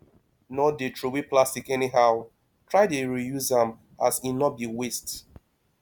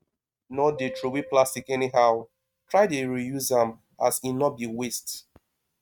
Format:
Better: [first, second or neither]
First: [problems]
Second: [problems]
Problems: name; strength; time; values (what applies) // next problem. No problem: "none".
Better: first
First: none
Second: noise reduction (neural mask model RNNoise)